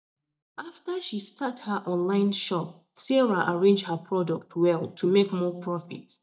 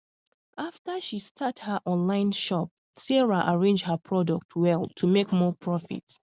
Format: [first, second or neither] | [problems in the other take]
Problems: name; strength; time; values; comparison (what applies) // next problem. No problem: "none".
second | noise reduction (neural mask model DeepFilterNet 3)